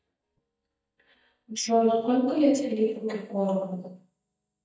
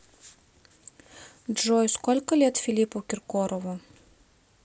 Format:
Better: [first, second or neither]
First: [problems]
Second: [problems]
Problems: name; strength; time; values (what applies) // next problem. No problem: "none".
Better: second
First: noise reduction (neural mask model DeepFilterNet 3)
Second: none